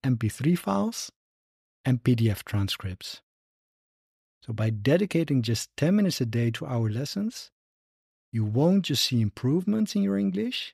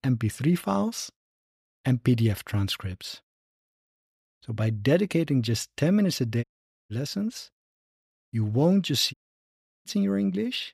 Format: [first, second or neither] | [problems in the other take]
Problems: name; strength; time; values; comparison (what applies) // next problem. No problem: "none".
first | audio cutting out; at 6.5 s and at 9 s for 0.5 s